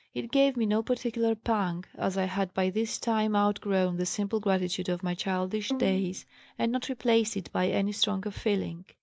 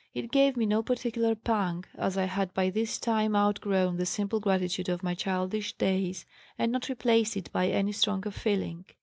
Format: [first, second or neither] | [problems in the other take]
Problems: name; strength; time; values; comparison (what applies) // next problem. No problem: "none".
second | background sound (Bowed string instrument); 11 dB below the speech